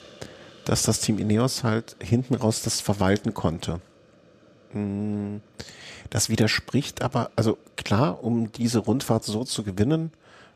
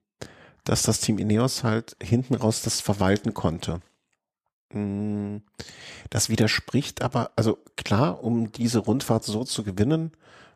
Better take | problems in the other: second | hiss; faint; throughout; 30 dB below the speech

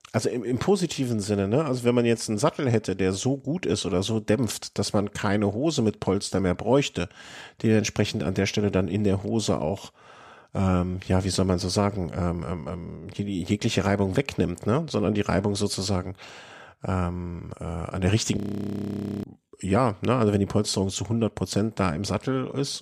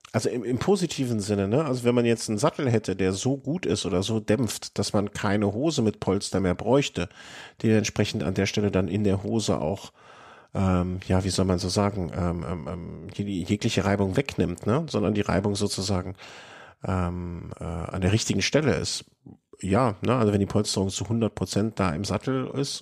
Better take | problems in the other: second | audio freezing; at 18 s for 1 s

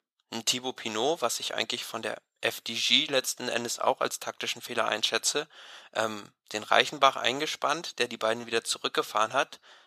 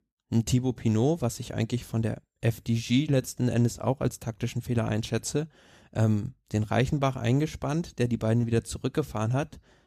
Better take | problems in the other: second | thin; very; fading below 700 Hz

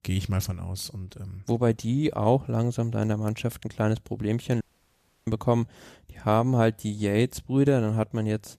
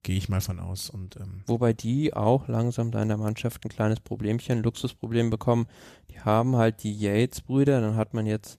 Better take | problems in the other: second | audio cutting out; at 4.5 s for 0.5 s

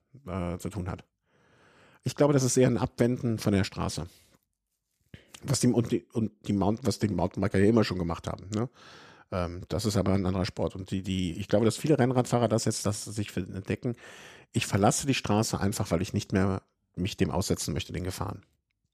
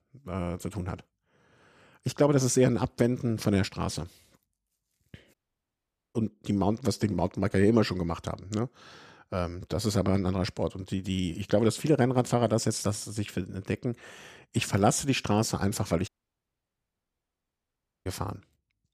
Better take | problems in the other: first | audio cutting out; at 5.5 s for 1 s and at 16 s for 2 s

